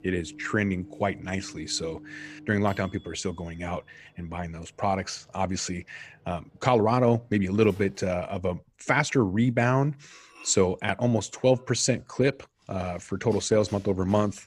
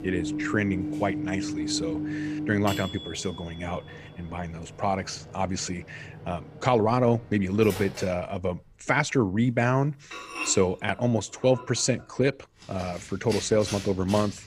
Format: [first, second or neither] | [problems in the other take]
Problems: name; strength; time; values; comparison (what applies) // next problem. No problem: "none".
first | household noises; loud; throughout; 9 dB below the speech; faint in the first